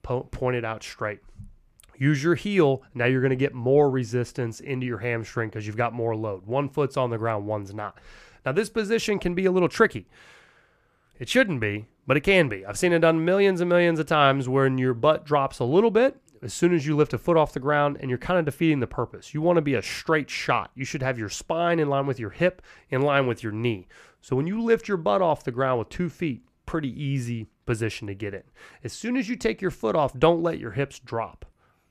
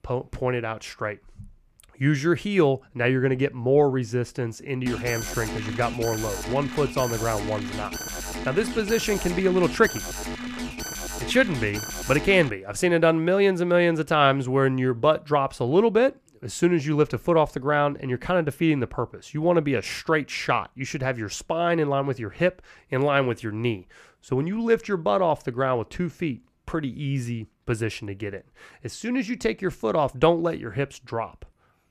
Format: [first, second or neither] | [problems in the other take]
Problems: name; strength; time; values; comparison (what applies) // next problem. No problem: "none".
first | alarm; noticeable; from 5 to 13 s; peak 7 dB below the speech